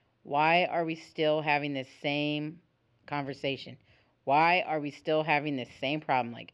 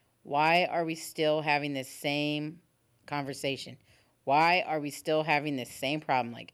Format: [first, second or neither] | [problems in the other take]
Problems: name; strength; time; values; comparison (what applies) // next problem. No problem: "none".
second | muffled; very slightly; fading above 4 kHz